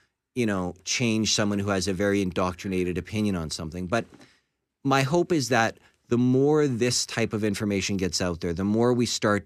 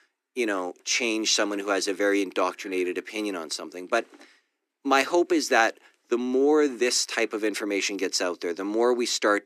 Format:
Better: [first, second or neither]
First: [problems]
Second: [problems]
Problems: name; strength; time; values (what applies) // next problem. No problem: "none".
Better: first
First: none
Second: thin; somewhat; fading below 300 Hz